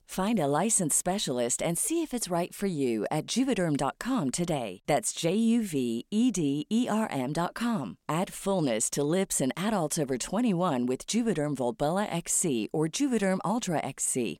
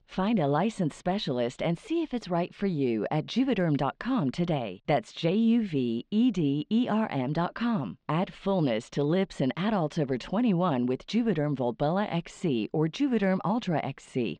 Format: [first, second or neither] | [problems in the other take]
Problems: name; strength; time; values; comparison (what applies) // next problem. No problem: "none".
first | muffled; slightly; fading above 4 kHz